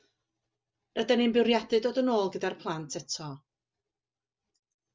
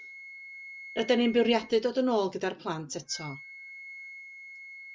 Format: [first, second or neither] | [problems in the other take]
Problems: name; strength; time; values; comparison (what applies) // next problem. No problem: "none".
first | background sound (Wind instrument, woodwind instrument); 16 dB below the speech